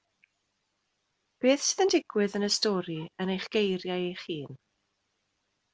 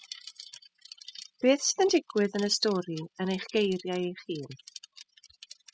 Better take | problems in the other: first | noise reduction (classical method spectral subtraction)

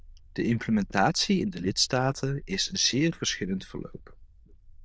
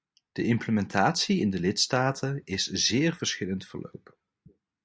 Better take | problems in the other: second | noise reduction (neural diffusion model UNIVERSE++)

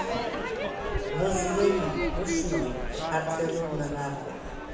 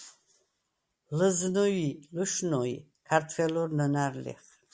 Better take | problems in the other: second | background sound (Crowd / Fireworks); 1 dB above the speech // room echo; dies away in 0.9 s

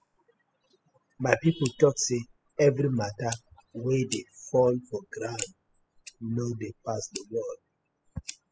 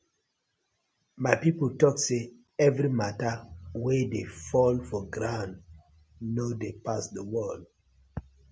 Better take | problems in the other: second | noise reduction (classical method spectral subtraction)

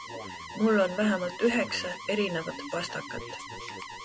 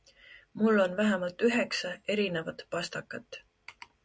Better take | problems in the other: second | background sound (Alarm); 11 dB below the speech

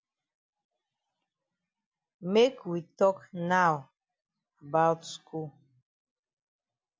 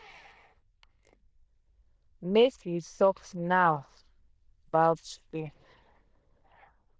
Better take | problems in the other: first | noise reduction (neural diffusion model UNIVERSE++)

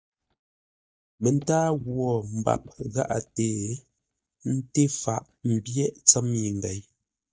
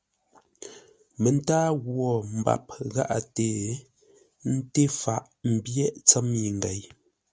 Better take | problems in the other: second | noise reduction (neural mask model DeepFilterNet 3)

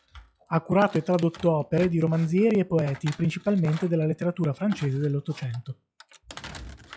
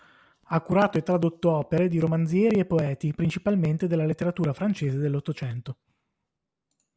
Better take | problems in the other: second | noise reduction (classical method log-MMSE)

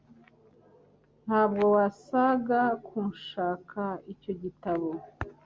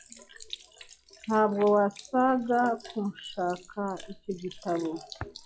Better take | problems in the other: first | noise reduction (classical method log-MMSE)

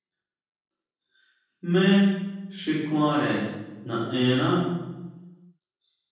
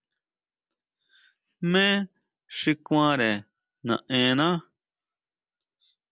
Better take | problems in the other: second | room echo; dies away in 1.3 s

